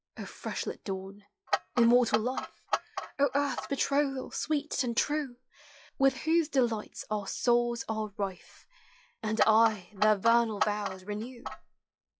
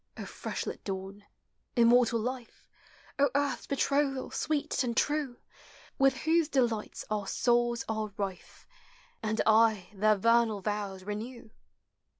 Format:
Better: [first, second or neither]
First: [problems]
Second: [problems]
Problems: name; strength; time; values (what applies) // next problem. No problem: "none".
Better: second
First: noise reduction (classical method log-MMSE)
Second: none